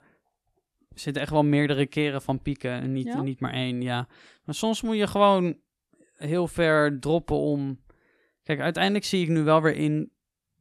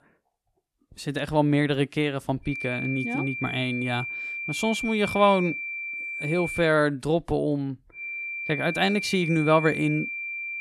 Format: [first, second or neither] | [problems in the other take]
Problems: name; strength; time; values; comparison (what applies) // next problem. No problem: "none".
first | high-pitched whine; loud; from 2.5 to 6.5 s and from 8 s on; 2.5 kHz, 6 dB below the speech